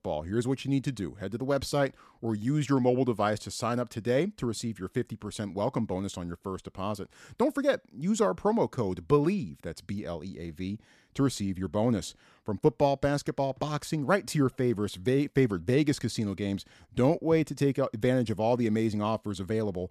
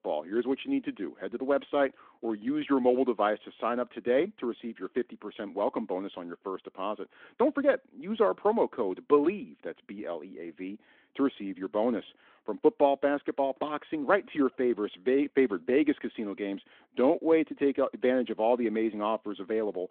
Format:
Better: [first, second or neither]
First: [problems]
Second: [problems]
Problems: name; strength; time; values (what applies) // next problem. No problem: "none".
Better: first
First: none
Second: phone-call audio